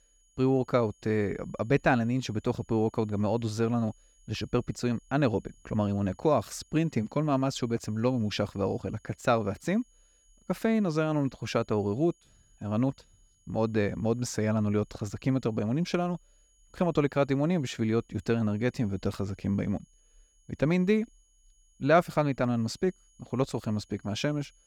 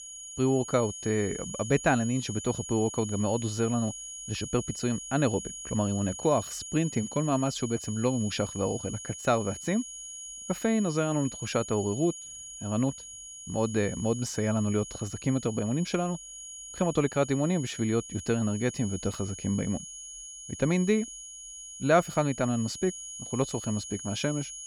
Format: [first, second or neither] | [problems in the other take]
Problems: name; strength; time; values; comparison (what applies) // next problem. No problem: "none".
first | high-pitched whine; loud; throughout; 6.5 kHz, 10 dB below the speech; faint in the first